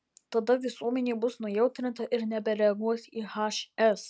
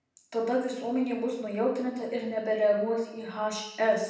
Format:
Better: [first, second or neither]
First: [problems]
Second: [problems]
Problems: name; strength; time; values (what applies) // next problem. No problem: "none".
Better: first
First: none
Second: room echo; dies away in 0.8 s